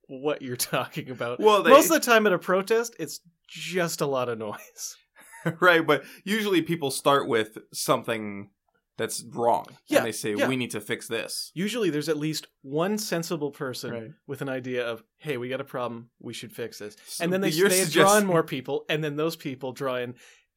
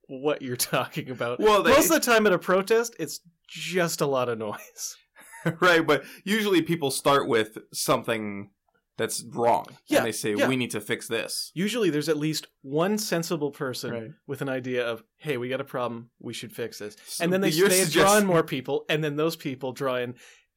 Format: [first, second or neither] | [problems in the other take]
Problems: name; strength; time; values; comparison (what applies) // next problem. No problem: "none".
first | distortion; slight; 1.8% of the sound clipped